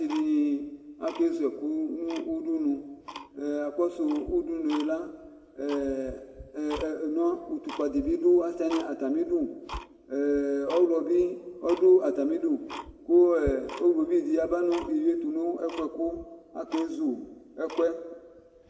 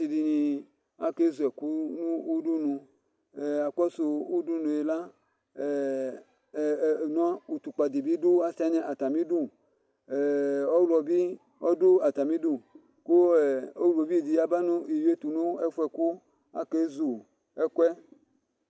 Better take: second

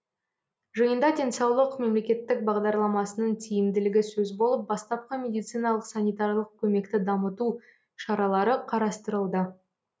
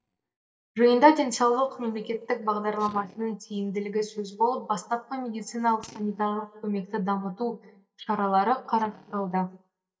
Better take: first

